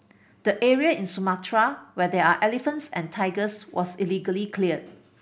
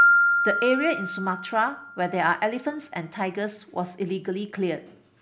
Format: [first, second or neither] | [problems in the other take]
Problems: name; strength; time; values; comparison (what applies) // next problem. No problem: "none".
first | background sound (Piano); as loud as the speech